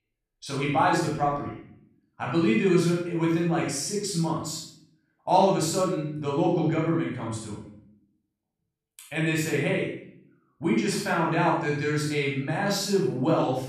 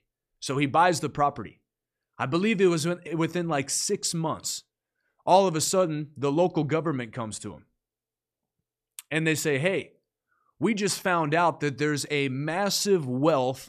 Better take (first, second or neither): second